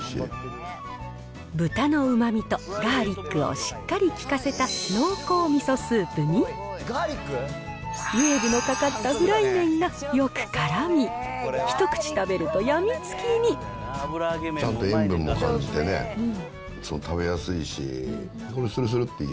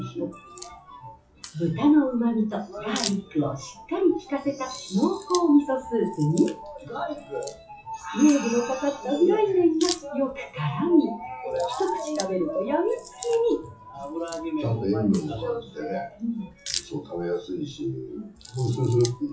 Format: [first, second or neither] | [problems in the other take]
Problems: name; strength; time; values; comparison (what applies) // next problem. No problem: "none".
first | noise reduction (classical method WPE with log-MMSE)